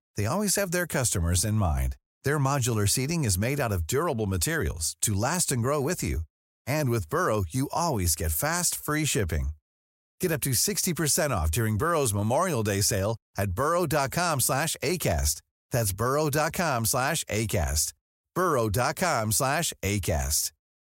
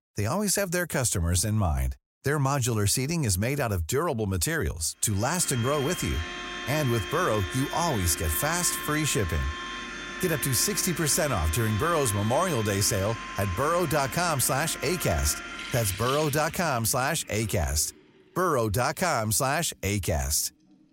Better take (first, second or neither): first